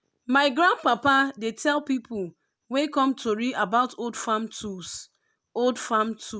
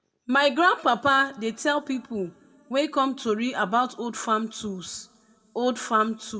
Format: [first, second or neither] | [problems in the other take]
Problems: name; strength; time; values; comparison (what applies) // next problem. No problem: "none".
first | room echo; dies away in 1.8 s